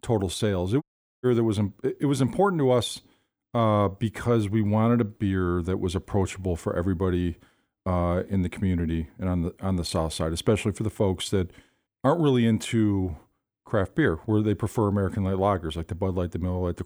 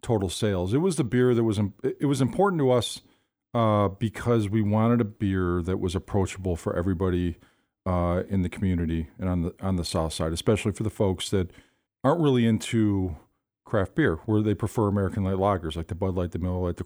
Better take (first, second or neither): second